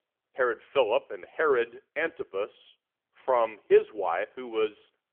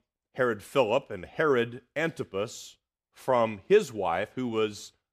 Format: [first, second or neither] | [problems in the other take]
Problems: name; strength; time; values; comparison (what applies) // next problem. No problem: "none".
second | phone-call audio; nothing above 3 kHz